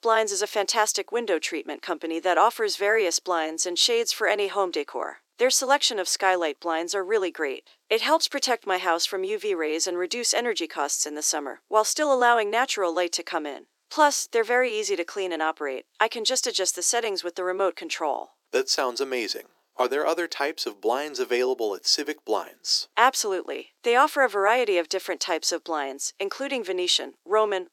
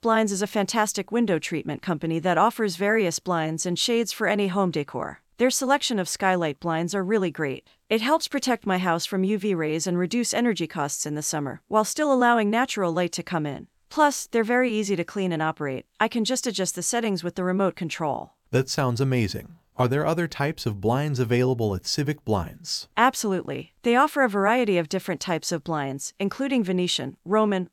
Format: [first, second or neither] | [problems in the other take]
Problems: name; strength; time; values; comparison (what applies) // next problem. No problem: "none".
second | thin; very; fading below 350 Hz